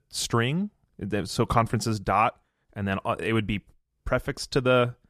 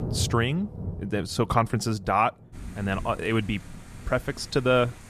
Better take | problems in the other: first | rain or running water; noticeable; throughout; 15 dB below the speech

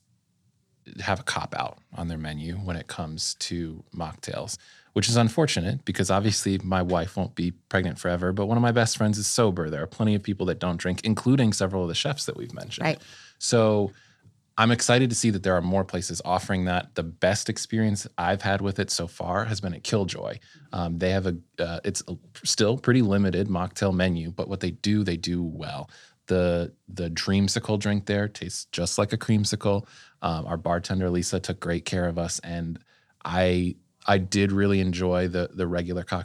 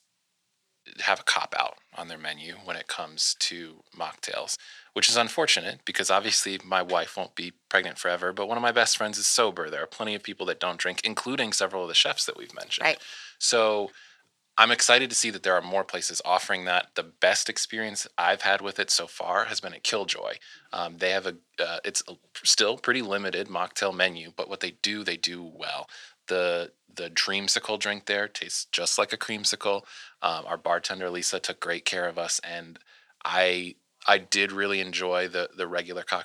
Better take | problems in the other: first | thin; very; fading below 550 Hz

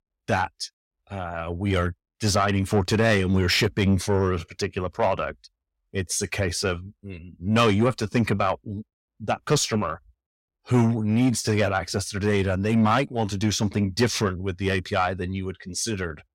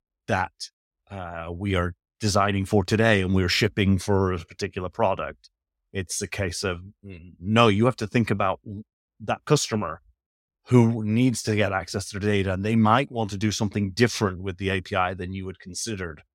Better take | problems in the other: second | distortion; slight; 10 dB below the speech

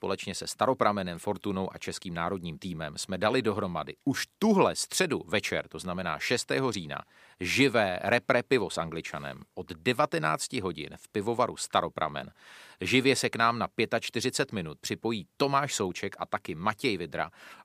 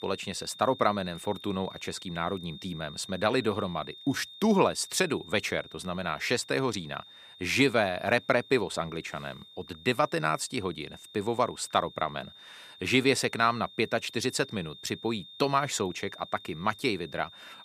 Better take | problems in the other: first | high-pitched whine; noticeable; throughout; 3.5 kHz, 20 dB below the speech

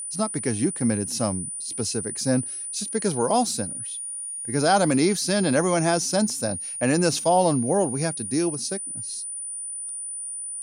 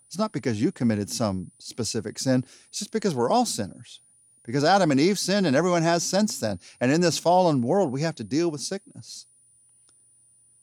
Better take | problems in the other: second | high-pitched whine; loud; throughout; 9.5 kHz, 6 dB below the speech; faint in the second

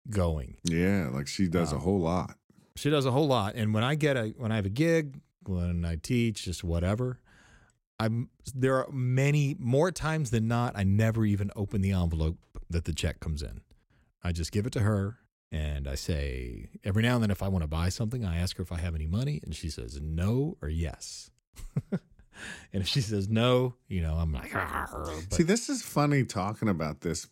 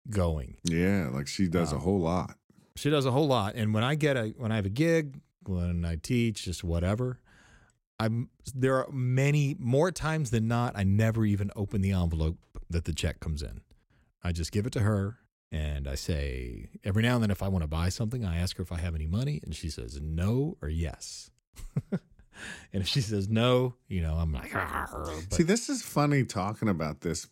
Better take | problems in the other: neither | none

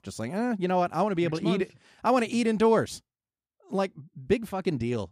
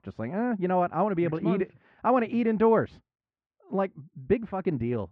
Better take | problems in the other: first | muffled; very; fading above 2 kHz

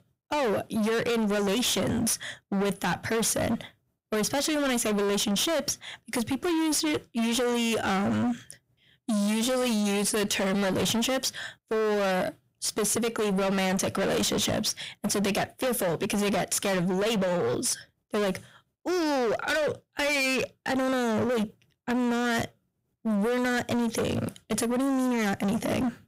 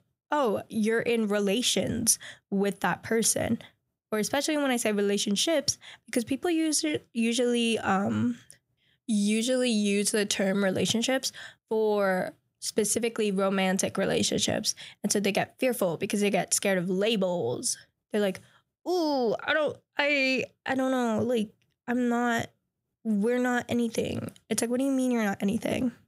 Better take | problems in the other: second | distortion; heavy; 35% of the sound clipped

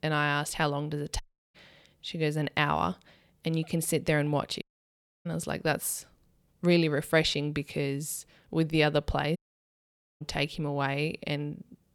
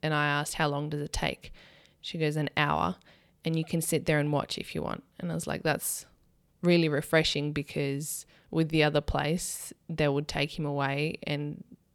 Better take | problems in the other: second | audio cutting out; at 1 s, at 4.5 s for 0.5 s and at 9.5 s for 1 s

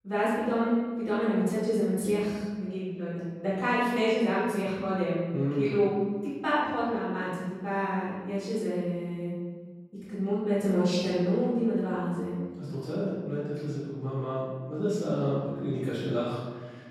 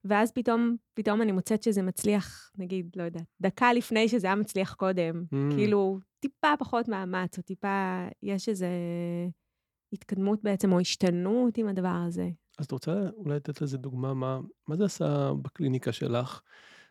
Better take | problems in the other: second | off-mic speech; far // room echo; strong; dies away in 1.3 s

